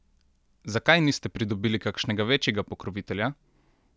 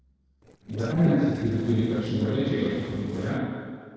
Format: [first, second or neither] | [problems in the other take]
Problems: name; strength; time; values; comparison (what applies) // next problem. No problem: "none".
first | noise reduction (neural separator model SepFormer DNS4)